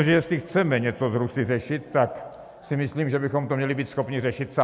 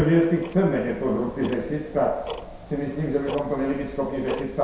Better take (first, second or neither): first